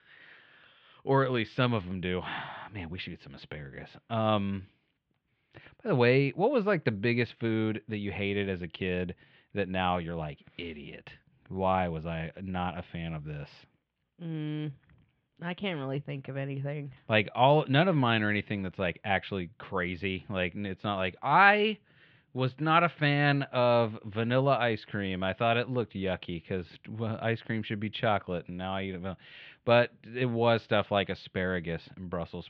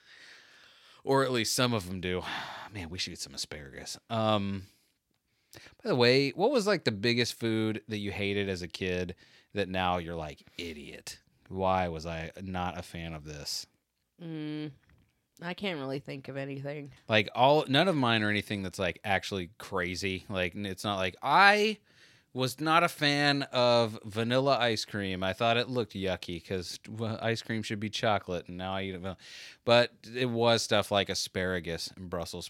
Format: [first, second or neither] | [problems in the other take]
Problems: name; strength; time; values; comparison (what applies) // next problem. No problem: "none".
second | muffled; very; fading above 3 kHz